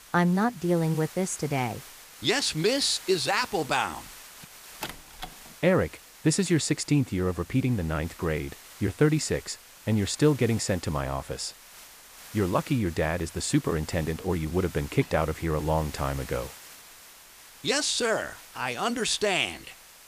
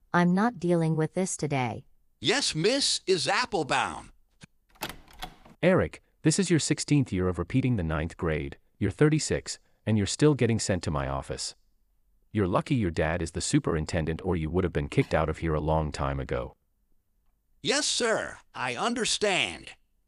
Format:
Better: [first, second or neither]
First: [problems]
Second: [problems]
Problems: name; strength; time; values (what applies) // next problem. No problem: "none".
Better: second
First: hiss; noticeable; throughout; 20 dB below the speech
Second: none